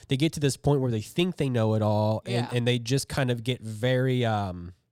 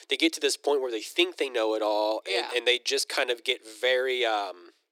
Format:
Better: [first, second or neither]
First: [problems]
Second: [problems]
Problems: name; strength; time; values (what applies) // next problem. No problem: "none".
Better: first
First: none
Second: thin; very; fading below 300 Hz